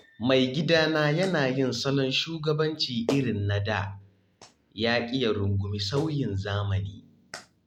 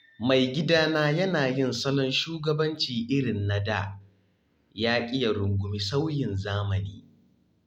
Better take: second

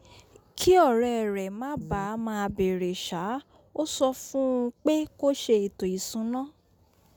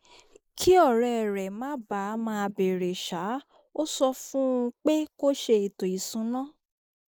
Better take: first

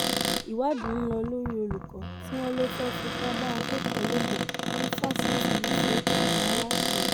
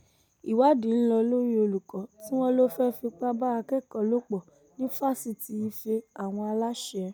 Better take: second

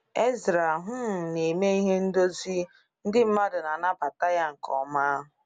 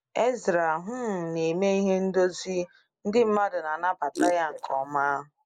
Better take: first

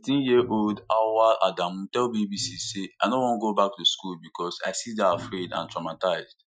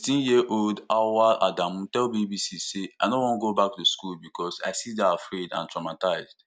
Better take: second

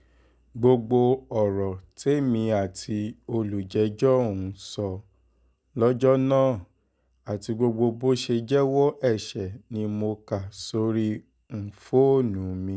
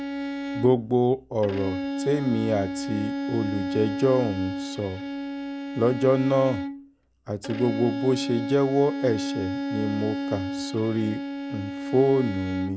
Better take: first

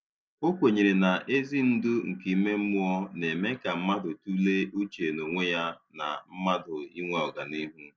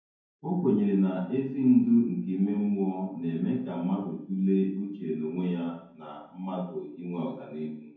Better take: first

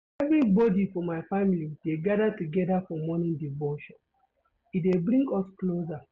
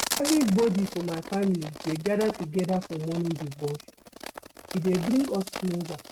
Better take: first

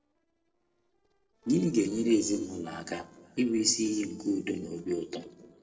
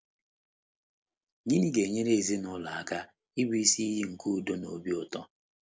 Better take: second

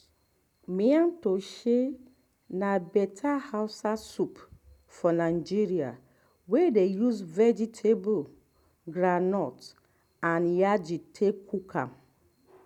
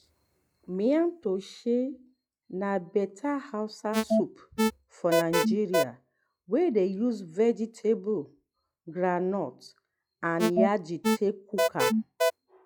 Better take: first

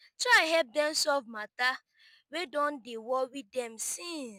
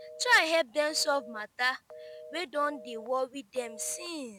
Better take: first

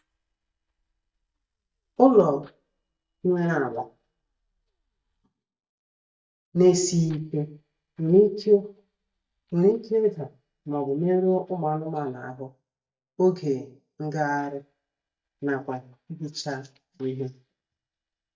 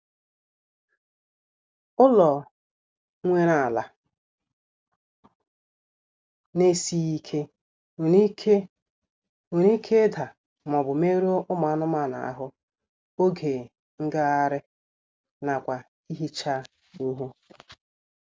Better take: second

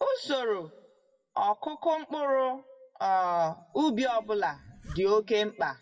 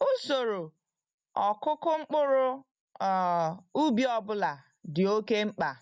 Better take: second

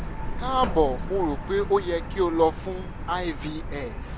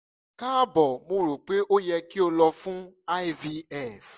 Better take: second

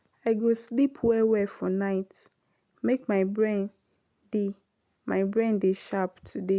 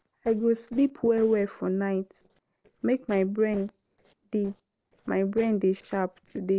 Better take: first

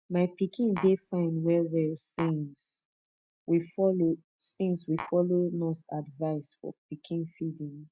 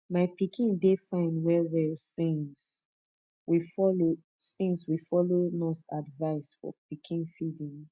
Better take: second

